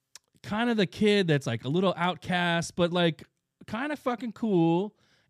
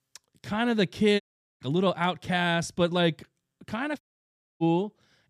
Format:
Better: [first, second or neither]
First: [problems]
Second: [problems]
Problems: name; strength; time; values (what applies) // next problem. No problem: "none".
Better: first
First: none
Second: audio cutting out; at 1 s and at 4 s for 0.5 s